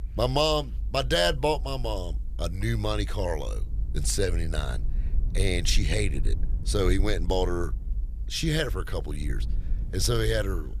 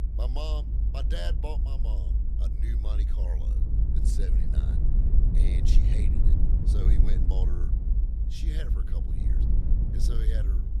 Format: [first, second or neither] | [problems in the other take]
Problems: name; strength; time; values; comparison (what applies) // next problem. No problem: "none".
first | low rumble; loud; throughout; 2 dB below the speech; faint in the first